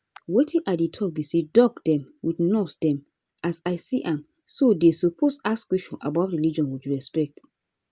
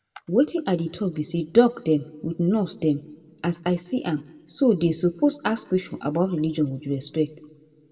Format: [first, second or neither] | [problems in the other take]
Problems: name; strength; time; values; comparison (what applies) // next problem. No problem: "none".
first | room echo; dies away in 0.9 s